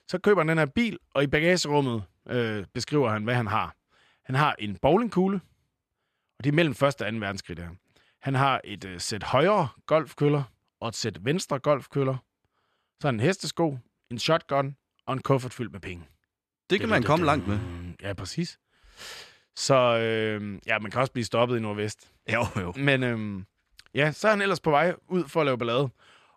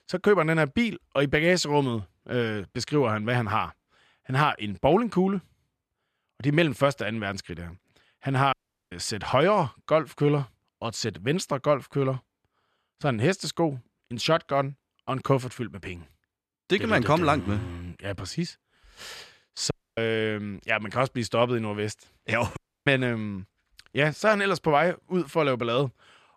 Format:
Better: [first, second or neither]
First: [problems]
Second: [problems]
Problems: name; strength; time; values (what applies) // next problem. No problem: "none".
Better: first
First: none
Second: audio cutting out; at 8.5 s, at 20 s and at 23 s